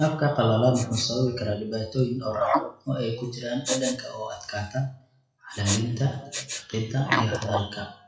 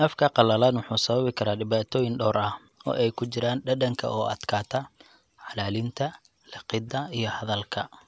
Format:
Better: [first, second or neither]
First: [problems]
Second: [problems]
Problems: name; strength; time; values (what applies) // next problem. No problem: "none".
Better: second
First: noise reduction (classical method WPE with log-MMSE)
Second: none